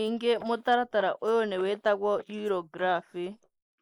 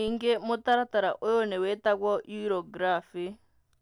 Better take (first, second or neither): second